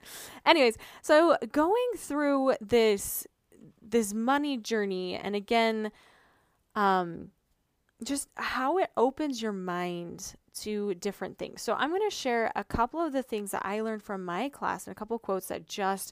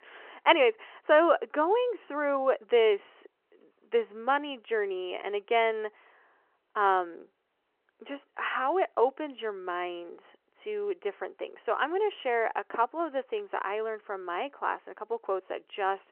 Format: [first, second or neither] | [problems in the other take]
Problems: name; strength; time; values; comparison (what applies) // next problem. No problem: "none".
first | phone-call audio; nothing above 3 kHz